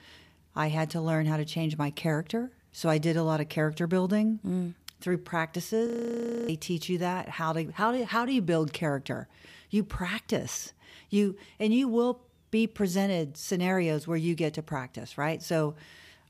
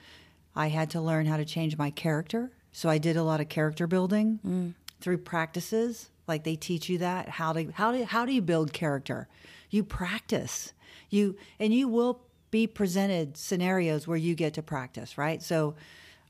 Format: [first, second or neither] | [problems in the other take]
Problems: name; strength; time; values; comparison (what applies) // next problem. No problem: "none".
second | audio freezing; at 6 s for 0.5 s